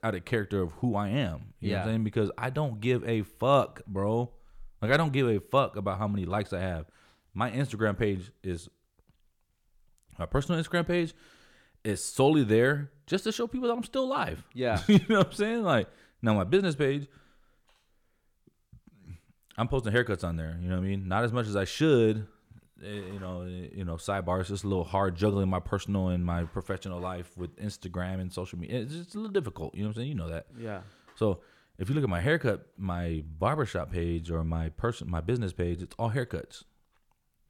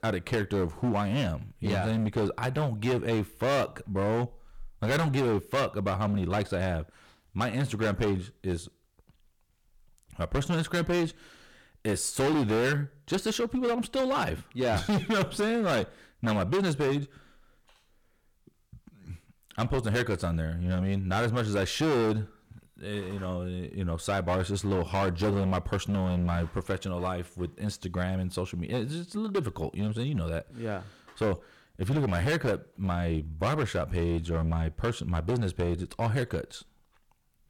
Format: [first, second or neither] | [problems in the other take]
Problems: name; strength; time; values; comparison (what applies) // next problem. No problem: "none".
first | distortion; heavy; 12% of the sound clipped